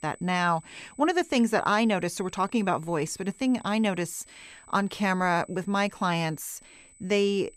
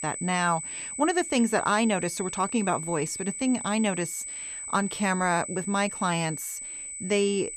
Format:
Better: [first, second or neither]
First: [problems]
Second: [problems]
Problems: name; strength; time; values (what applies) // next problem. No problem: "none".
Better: first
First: high-pitched whine; faint; throughout; 8 kHz, 25 dB below the speech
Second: high-pitched whine; loud; throughout; 8 kHz, 7 dB below the speech